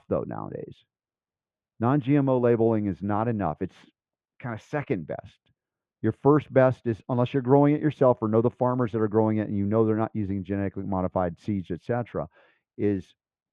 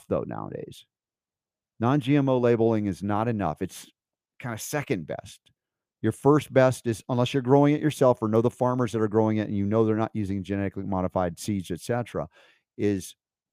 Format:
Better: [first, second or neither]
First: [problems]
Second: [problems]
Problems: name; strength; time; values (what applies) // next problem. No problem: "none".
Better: second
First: muffled; very; fading above 2 kHz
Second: none